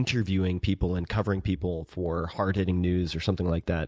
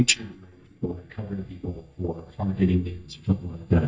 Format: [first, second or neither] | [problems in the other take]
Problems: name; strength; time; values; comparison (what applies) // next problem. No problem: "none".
first | noise reduction (neural mask model DeepFilterNet 3)